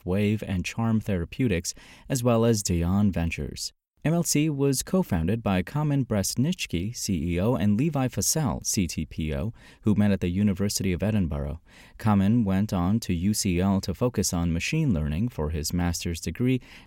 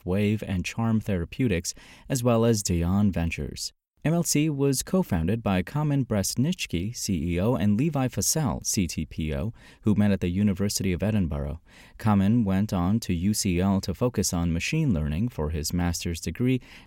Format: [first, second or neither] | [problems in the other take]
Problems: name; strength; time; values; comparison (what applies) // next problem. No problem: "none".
neither | none